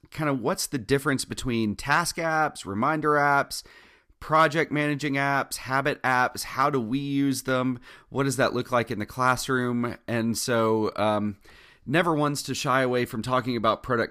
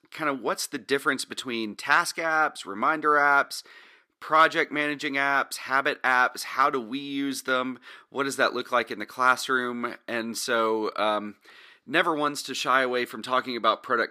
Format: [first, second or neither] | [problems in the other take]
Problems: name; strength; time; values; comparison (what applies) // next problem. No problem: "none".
first | thin; somewhat; fading below 350 Hz